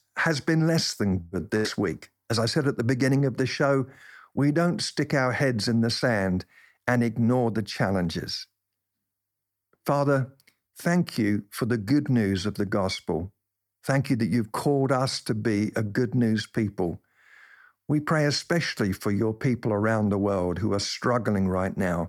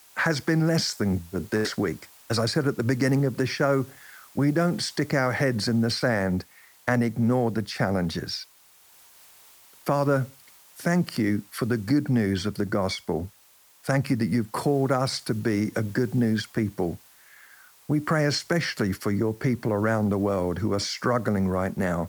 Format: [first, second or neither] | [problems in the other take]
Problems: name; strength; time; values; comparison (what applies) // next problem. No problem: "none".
first | hiss; faint; throughout; 25 dB below the speech